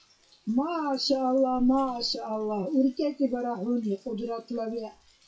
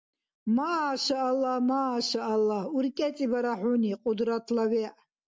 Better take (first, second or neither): second